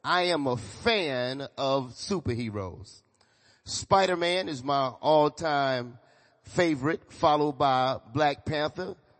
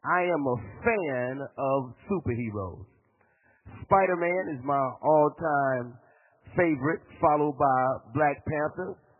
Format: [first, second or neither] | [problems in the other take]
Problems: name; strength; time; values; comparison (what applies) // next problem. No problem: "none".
first | garbled, watery; badly; nothing above 2.5 kHz; slightly in the first